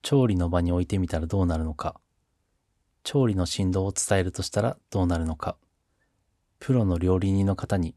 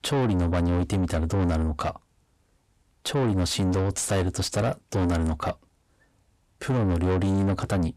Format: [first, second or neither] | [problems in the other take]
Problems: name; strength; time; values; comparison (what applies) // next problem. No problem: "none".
first | distortion; heavy; 7 dB below the speech